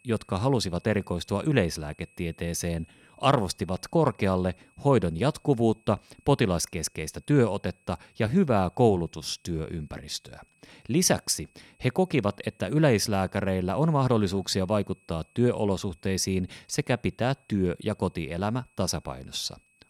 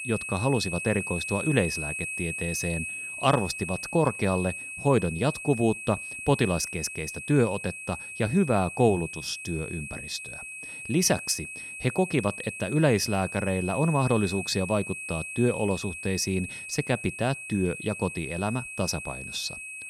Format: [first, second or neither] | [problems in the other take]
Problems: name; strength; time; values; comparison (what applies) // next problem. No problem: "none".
first | high-pitched whine; loud; throughout; 2.5 kHz, 7 dB below the speech; faint in the first